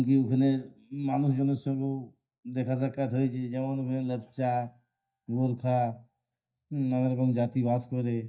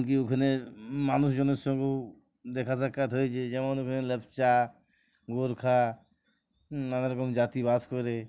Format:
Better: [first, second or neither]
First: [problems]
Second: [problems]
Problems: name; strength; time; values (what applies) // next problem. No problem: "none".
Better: second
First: noise reduction (neural mask model DeepFilterNet 3)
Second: none